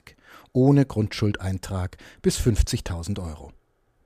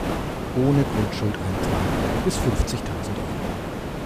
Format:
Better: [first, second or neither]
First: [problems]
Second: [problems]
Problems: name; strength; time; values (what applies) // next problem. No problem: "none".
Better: first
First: none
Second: hiss; loud; throughout; 1 dB below the speech